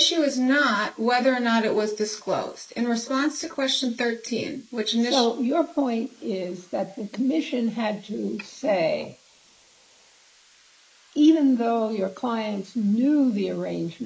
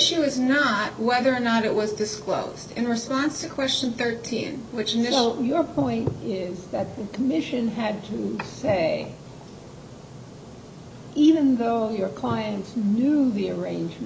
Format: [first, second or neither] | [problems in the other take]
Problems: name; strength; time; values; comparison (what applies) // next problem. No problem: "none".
second | noise reduction (neural mask model Resemble Enhance denoiser)